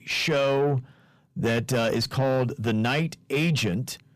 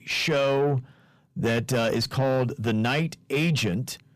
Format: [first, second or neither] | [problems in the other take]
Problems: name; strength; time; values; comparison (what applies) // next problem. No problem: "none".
neither | distortion; slight; 10 dB below the speech; the same in both